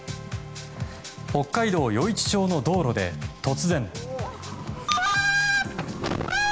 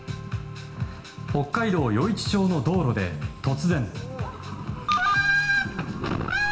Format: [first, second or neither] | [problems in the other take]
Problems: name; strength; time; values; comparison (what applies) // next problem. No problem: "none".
first | room echo; dies away in 1.7 s